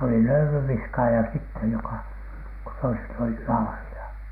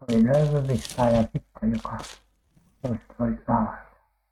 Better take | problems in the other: first | noise reduction (neural mask model RNNoise)

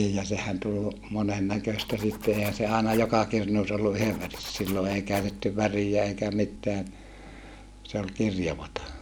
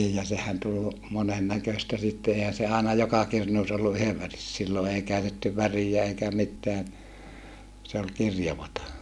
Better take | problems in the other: second | background sound (Zipper (clothing)); 15 dB below the speech

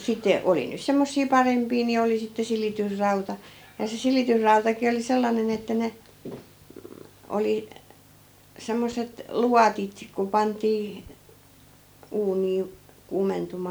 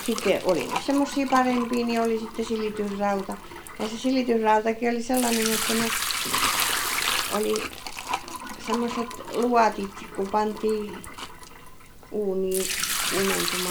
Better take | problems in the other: first | background sound (Sink (filling or washing) / Liquid); 4 dB below the speech

